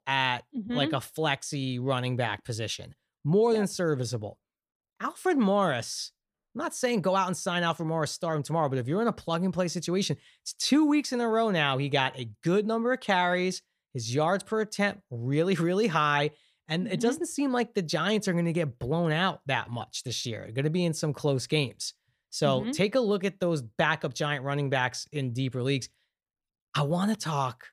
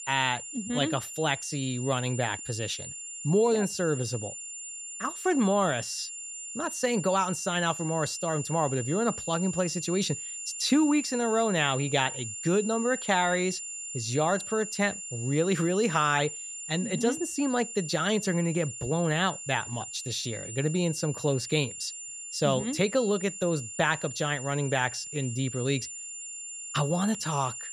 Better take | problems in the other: first | high-pitched whine; loud; throughout; 7 kHz, 8 dB below the speech

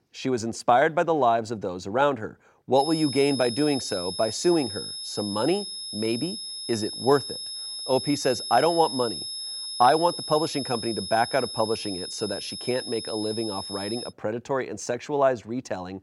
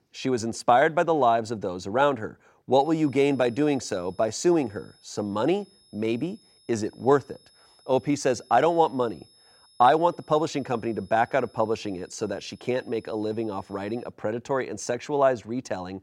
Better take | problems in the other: second | high-pitched whine; loud; from 3 to 14 s; 5 kHz, 7 dB below the speech; faint in the second

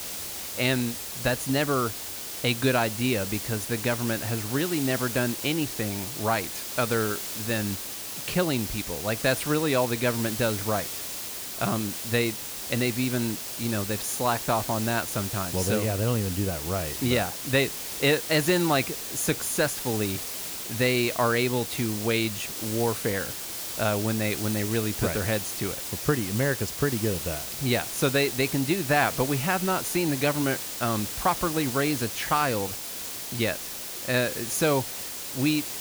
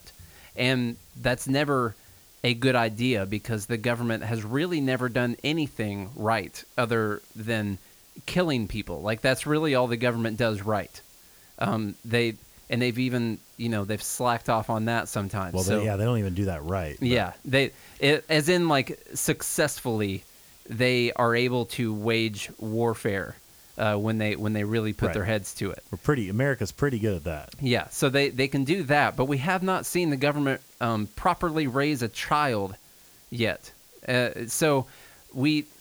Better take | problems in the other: second | hiss; loud; throughout; 5 dB below the speech; faint in the second

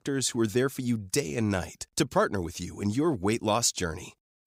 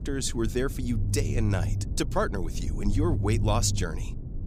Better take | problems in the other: first | low rumble; noticeable; throughout; 15 dB below the speech

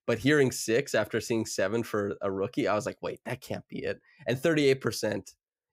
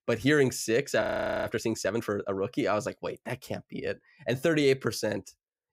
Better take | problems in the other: first | audio freezing; at 1 s

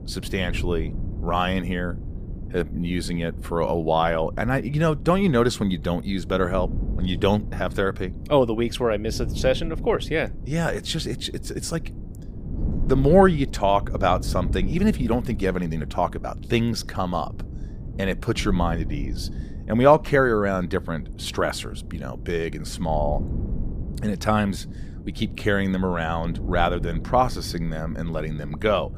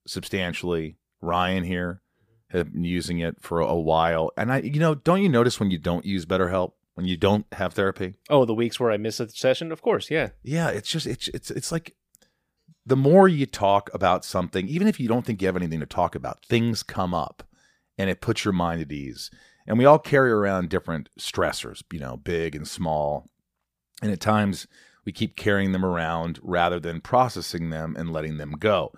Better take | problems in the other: second | wind noise on the microphone; occasional gusts; 20 dB below the speech

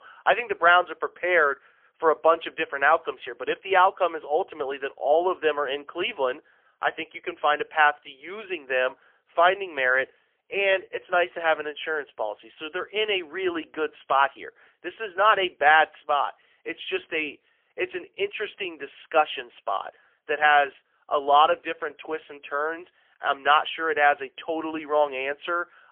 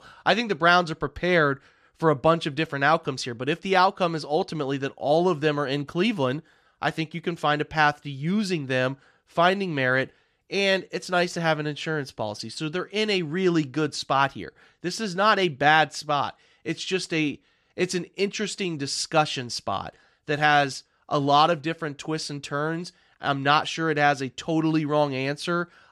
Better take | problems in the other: second | phone-call audio; poor line; nothing above 3.5 kHz

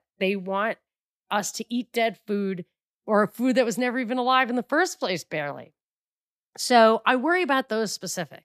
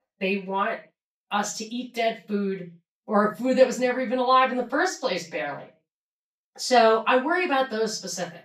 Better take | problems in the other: first | room echo; slight; dies away in 0.2 s // off-mic speech; far

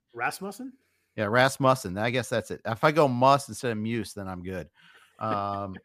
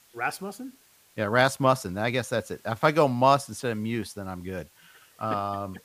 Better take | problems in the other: first | hiss; faint; throughout; 30 dB below the speech

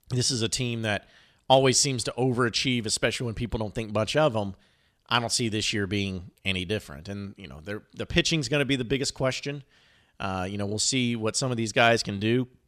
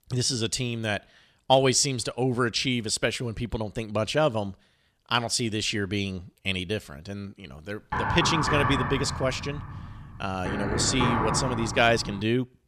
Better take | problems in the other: first | door banging; loud; from 8 s on; peak 1 dB above the speech

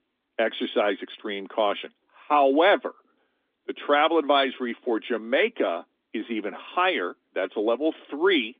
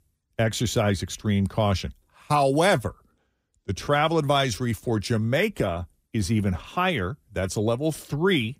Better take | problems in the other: second | phone-call audio; nothing above 3.5 kHz

